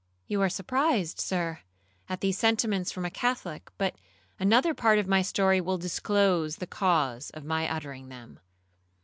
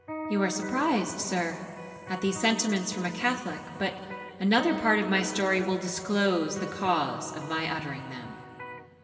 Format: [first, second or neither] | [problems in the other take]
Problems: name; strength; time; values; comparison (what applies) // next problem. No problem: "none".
first | background sound (Electric guitar); 11 dB below the speech // room echo; dies away in 2.9 s